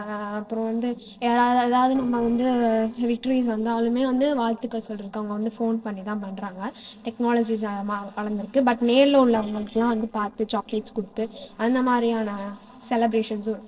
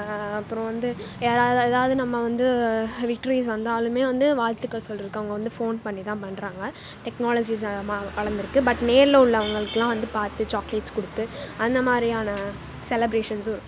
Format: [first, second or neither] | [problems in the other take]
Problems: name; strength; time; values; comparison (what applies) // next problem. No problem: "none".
second | noise reduction (neural separator model SepFormer DNS4)